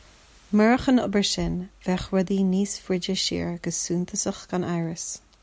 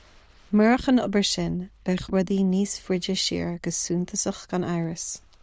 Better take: first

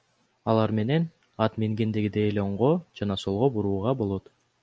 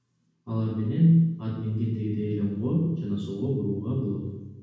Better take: first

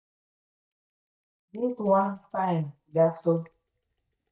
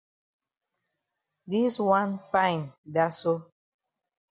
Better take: second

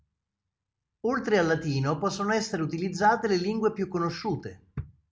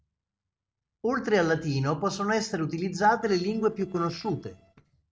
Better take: first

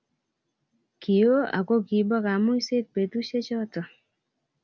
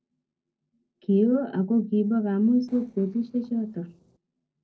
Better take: first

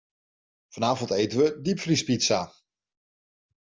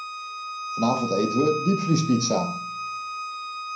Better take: first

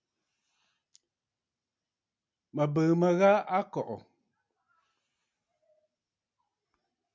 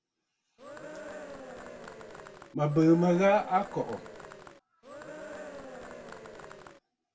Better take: first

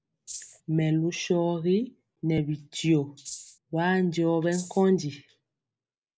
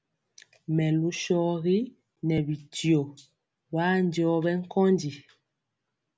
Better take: second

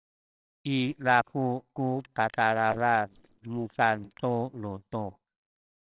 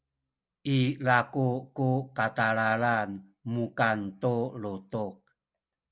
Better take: second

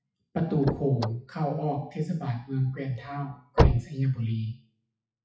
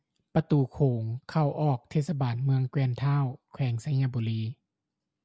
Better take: second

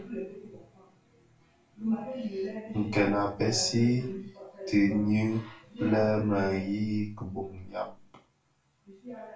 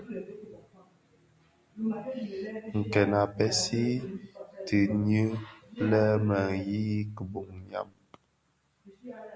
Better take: second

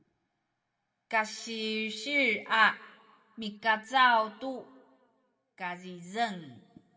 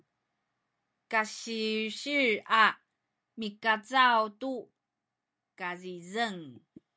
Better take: second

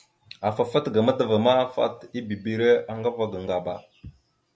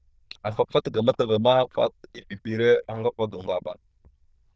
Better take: first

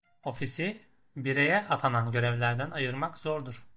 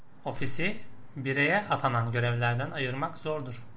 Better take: second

